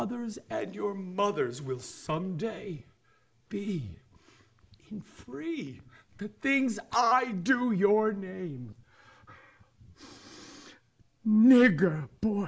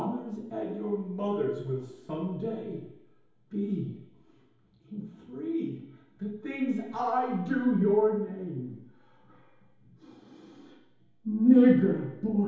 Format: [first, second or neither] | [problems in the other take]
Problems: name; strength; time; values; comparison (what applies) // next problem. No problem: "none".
first | room echo; dies away in 2.2 s